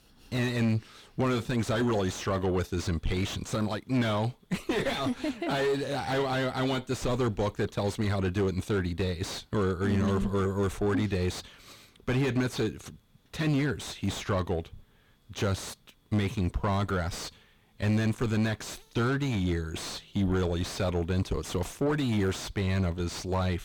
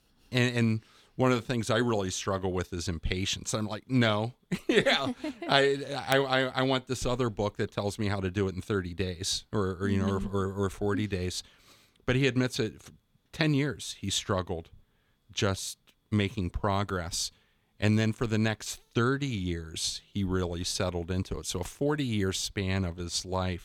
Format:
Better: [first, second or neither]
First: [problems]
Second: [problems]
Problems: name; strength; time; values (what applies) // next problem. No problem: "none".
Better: second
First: distortion; heavy; 5 dB below the speech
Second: none